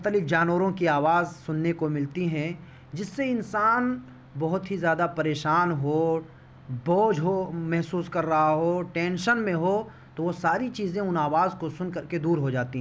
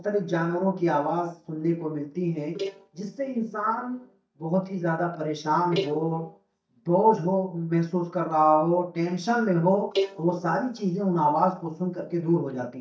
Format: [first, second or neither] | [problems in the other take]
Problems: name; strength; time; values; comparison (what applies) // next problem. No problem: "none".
first | noise reduction (neural mask model DeepFilterNet 3)